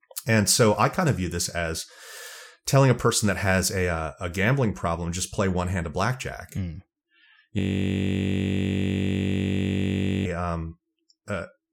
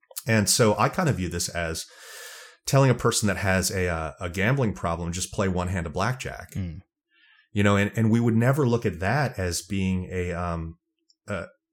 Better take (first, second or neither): second